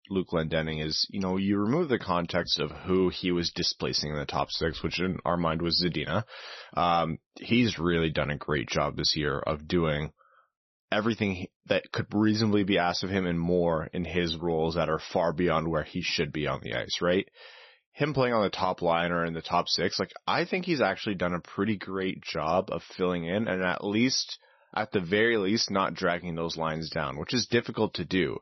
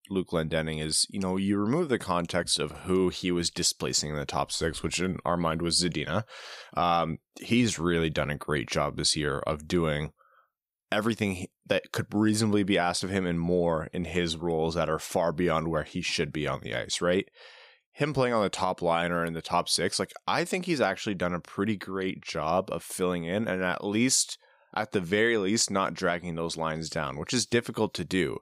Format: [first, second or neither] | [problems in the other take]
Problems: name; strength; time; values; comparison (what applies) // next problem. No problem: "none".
second | garbled, watery; slightly; nothing above 6 kHz